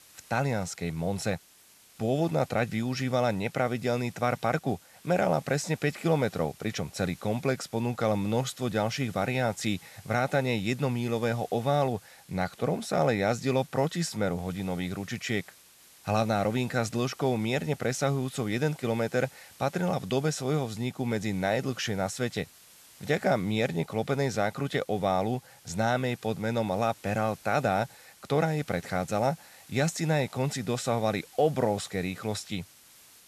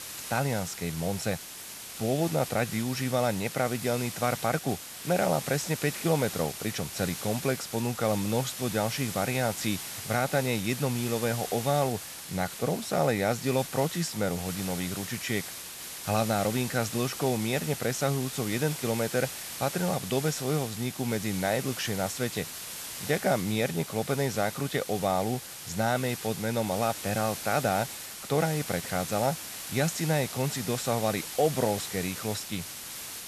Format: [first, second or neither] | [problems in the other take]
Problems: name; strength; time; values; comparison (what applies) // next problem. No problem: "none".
first | hiss; loud; throughout; 7 dB below the speech; faint in the first